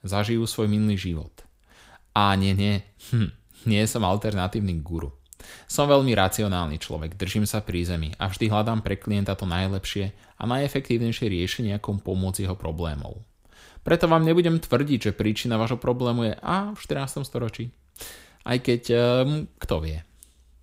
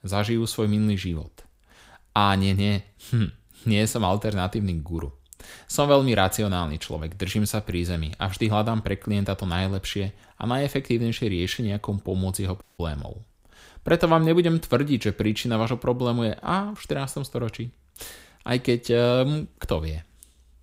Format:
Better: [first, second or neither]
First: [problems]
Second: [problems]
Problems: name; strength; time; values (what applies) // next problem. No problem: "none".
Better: first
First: none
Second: audio cutting out; at 13 s